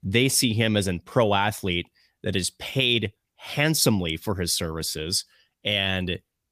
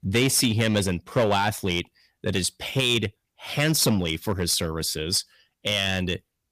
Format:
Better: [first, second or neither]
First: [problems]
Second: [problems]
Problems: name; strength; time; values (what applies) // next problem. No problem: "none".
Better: first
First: none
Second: distortion; slight; 4% of the sound clipped